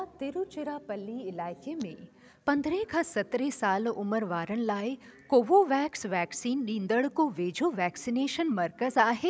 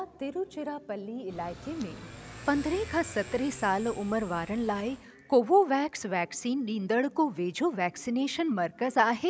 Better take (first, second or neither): first